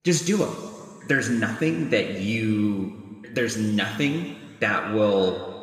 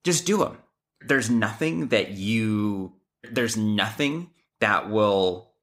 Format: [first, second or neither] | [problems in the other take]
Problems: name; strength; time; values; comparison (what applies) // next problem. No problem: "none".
second | room echo; noticeable; dies away in 2 s // off-mic speech; somewhat distant